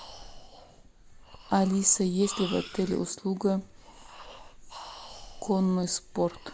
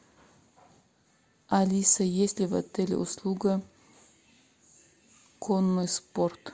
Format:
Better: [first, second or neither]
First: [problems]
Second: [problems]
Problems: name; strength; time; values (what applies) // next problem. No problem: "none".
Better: second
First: background sound (Breathing); 16 dB below the speech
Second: none